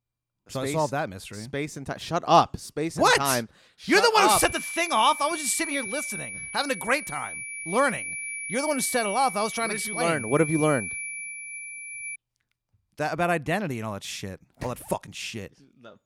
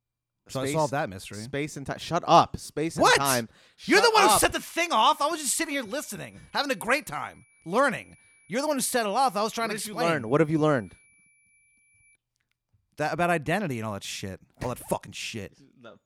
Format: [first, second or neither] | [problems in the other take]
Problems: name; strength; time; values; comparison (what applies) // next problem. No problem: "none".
second | high-pitched whine; loud; from 4.5 to 12 s; 2.5 kHz, 7 dB below the speech; faint in the second